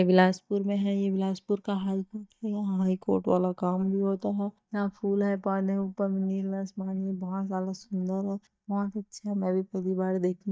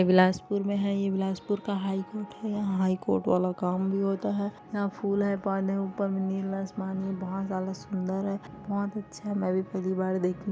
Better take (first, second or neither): second